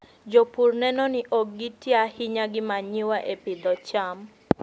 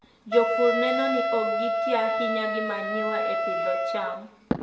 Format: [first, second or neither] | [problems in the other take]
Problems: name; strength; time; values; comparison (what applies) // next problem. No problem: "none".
first | background sound (Wind instrument, woodwind instrument); 1 dB above the speech // room echo; dies away in 0.6 s